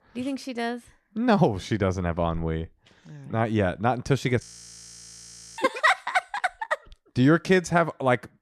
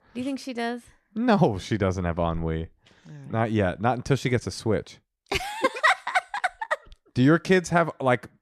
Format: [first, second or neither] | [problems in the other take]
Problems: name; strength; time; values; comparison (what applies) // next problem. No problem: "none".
second | audio freezing; at 4.5 s for 1 s